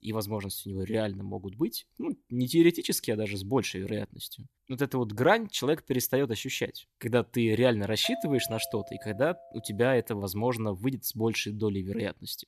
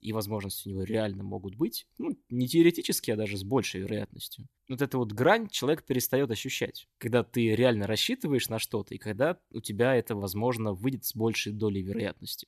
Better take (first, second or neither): second